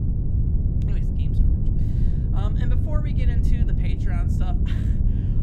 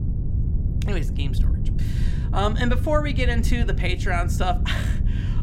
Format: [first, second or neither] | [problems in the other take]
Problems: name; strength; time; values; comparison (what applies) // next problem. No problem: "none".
second | wind noise on the microphone; heavy; 4 dB above the speech; occasional gusts in the second